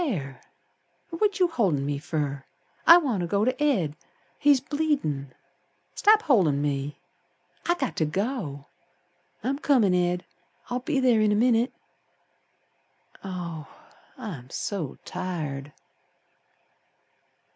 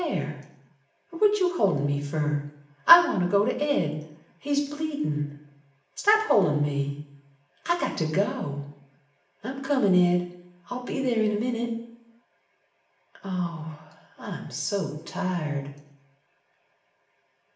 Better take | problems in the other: first | room echo; dies away in 0.7 s

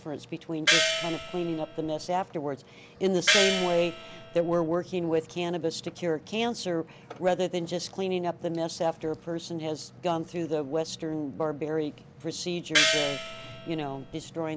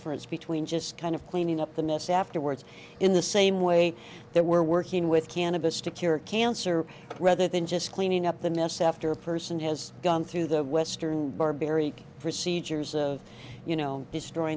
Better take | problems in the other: second | background sound (Gong); 2 dB above the speech

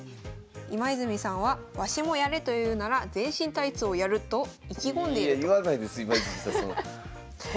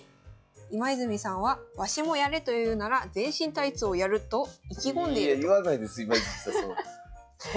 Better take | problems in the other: first | noise reduction (classical method log-MMSE)

